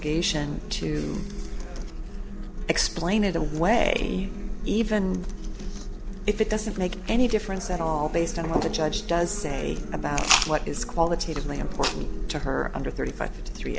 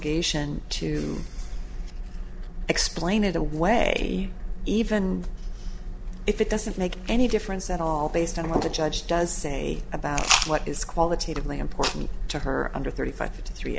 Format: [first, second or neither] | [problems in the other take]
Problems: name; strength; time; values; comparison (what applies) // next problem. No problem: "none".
second | background sound (Acoustic guitar); 15 dB below the speech